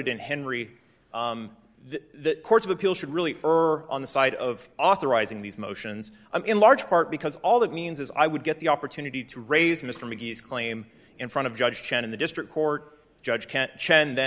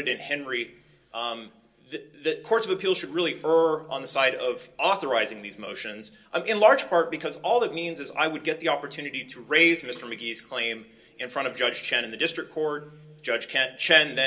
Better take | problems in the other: first | room echo; dies away in 0.2 s

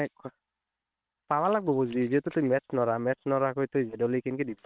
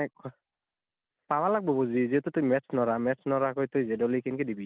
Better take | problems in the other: second | noise reduction (neural separator model SepFormer WHAM!)

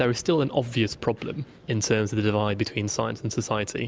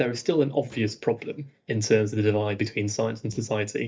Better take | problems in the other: first | noise reduction (neural mask model DeepFilterNet 3)

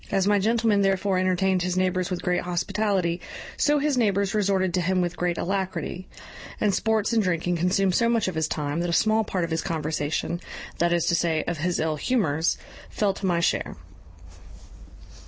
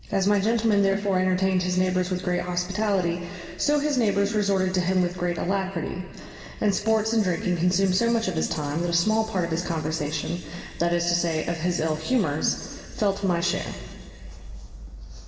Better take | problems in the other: first | room echo; dies away in 2.5 s

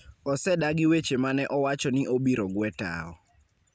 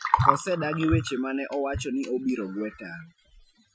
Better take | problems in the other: first | noise reduction (classical method Wiener filter)

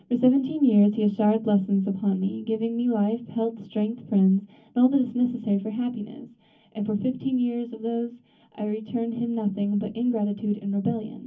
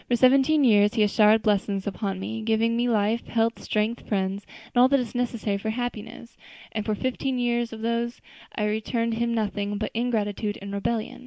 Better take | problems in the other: second | room echo; dies away in 0.3 s

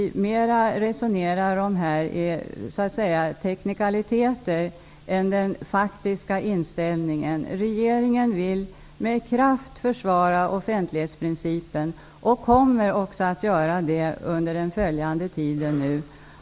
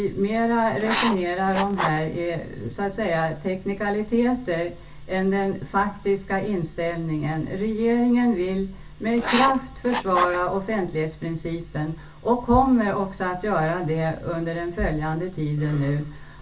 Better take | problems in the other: first | background sound (Writing); 5 dB below the speech // room echo; dies away in 0.2 s

